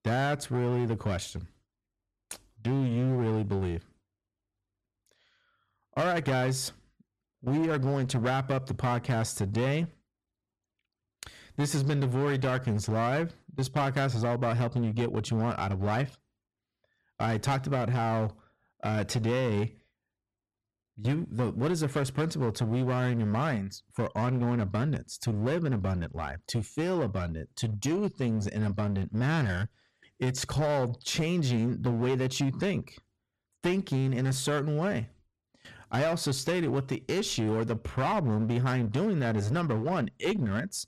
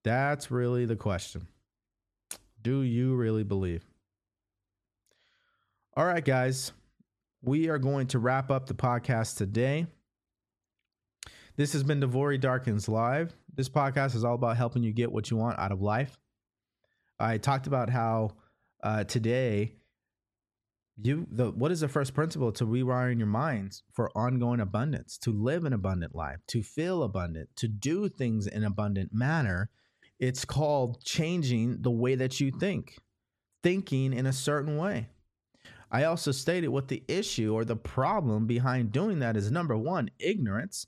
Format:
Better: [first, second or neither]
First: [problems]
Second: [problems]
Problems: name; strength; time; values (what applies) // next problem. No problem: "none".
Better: second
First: distortion; slight; 13% of the sound clipped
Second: none